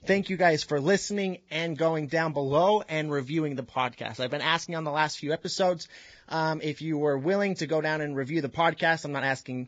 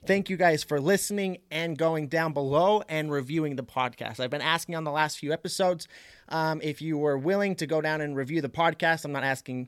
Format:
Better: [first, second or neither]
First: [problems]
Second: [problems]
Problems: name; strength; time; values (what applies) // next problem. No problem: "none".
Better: second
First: garbled, watery; badly; nothing above 7.5 kHz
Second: none